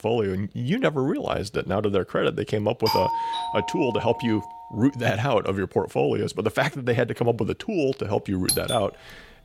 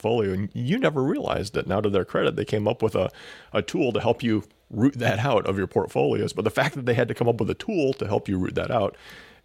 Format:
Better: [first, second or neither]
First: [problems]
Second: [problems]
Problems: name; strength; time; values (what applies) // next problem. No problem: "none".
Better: second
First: doorbell; loud; from 3 to 4.5 s; peak 1 dB above the speech // doorbell; noticeable; at 8.5 s; peak level with the speech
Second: none